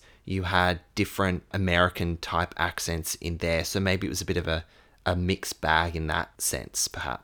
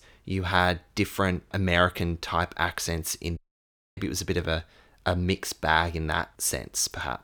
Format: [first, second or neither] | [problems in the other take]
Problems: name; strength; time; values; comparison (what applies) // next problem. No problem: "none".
first | audio cutting out; at 3.5 s for 0.5 s